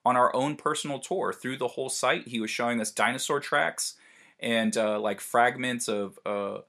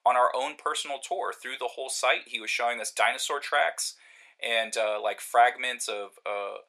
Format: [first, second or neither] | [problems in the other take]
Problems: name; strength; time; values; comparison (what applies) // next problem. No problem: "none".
first | thin; very; fading below 500 Hz